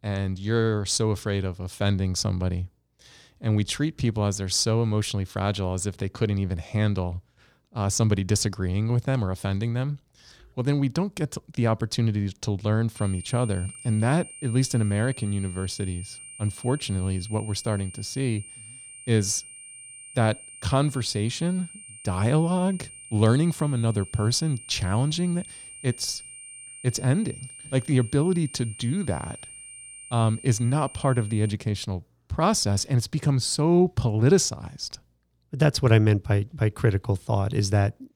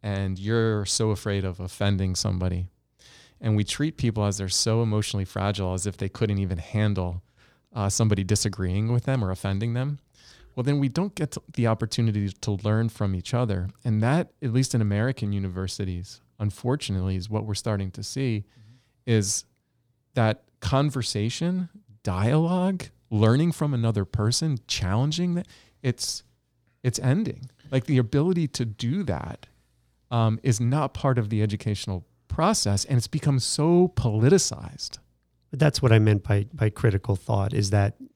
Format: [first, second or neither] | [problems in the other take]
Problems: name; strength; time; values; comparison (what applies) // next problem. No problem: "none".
second | high-pitched whine; noticeable; from 13 to 32 s; 9 kHz, 15 dB below the speech